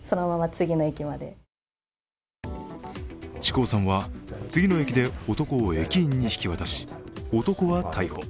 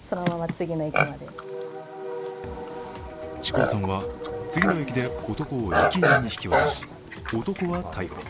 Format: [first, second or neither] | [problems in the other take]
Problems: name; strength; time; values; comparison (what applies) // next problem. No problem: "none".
first | background sound (Livestock, farm animals, working animals); 2 dB above the speech